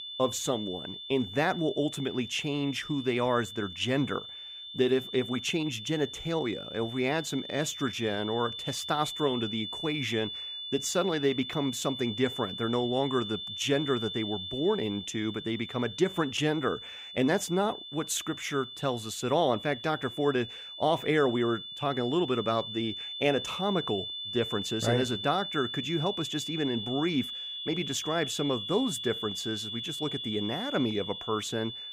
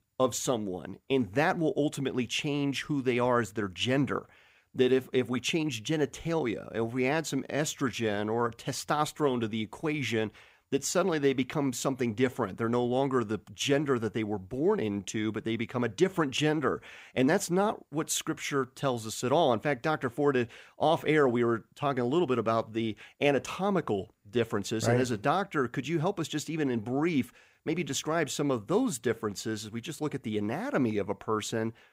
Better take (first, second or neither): second